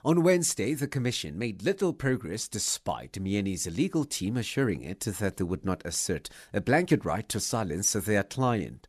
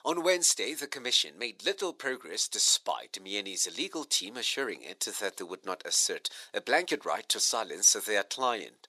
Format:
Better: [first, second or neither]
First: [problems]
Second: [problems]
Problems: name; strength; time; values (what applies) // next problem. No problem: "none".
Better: first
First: none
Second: thin; very; fading below 450 Hz